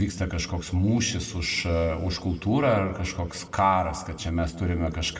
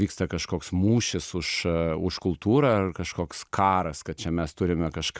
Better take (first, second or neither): second